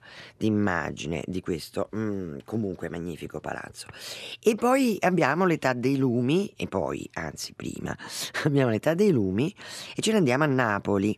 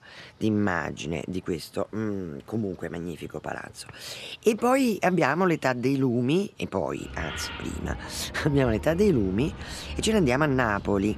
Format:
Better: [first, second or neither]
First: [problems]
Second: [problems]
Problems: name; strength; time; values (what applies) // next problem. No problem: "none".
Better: first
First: none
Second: animal sounds; noticeable; throughout; 10 dB below the speech